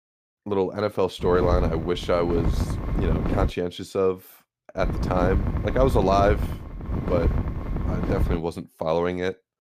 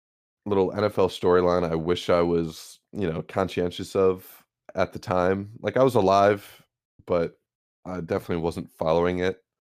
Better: second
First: wind noise on the microphone; heavy; from 1 to 3.5 s and from 5 to 8.5 s; 9 dB below the speech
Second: none

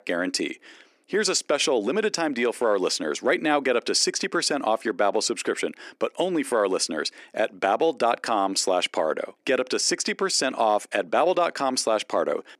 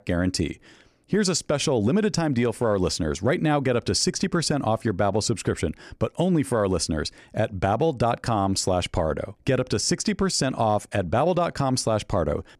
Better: second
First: thin; somewhat; fading below 300 Hz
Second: none

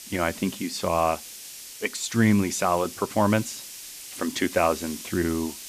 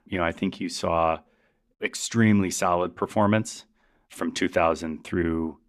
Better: second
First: hiss; noticeable; throughout; 10 dB below the speech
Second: none

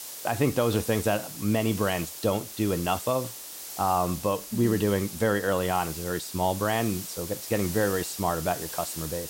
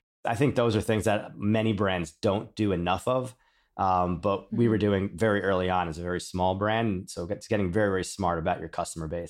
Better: second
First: hiss; loud; throughout; 9 dB below the speech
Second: none

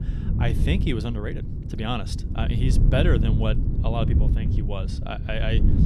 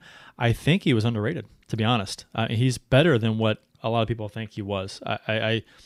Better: second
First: low rumble; loud; throughout; 7 dB below the speech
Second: none

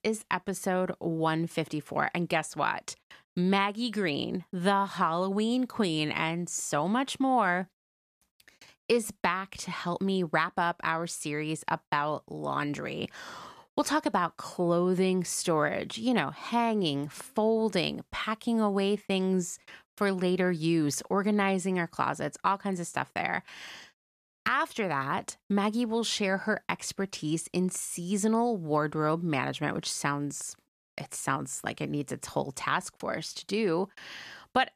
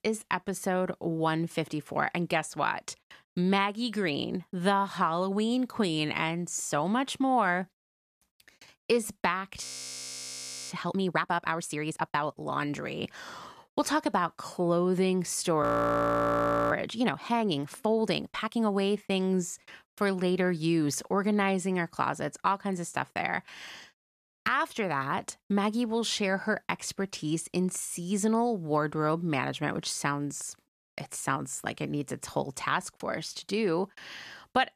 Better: first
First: none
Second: audio freezing; at 9.5 s for 1 s and at 16 s for 1 s

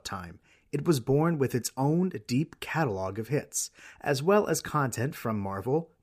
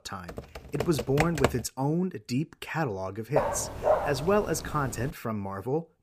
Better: first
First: none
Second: keyboard typing; loud; until 1.5 s; peak 2 dB above the speech // dog barking; loud; from 3.5 to 5 s; peak 4 dB above the speech

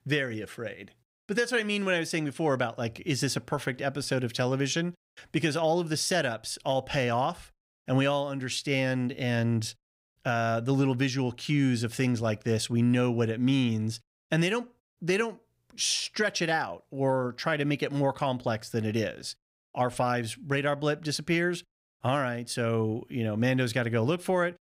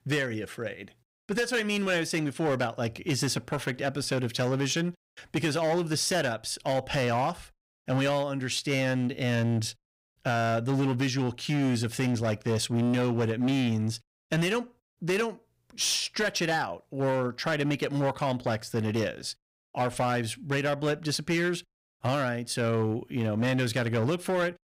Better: first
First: none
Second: distortion; slight; 12% of the sound clipped

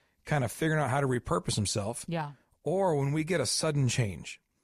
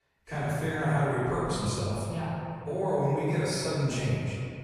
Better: first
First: none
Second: room echo; strong; dies away in 2.4 s // off-mic speech; far

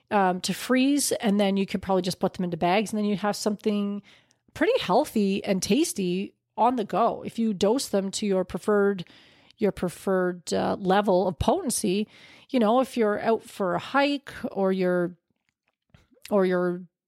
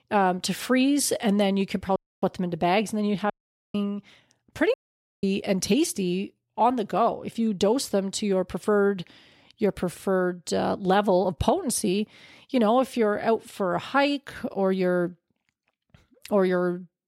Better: first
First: none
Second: audio cutting out; at 2 s, at 3.5 s and at 4.5 s

